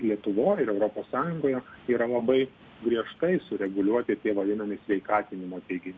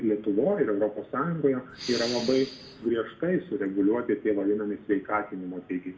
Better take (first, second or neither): first